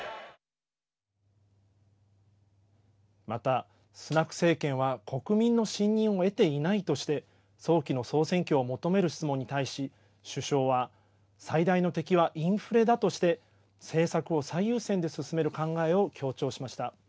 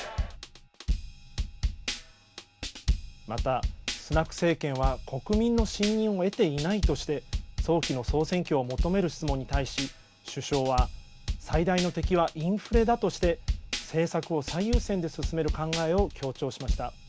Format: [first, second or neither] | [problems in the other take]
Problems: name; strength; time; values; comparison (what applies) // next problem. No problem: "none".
first | background sound (Drum / Drum kit); 3 dB below the speech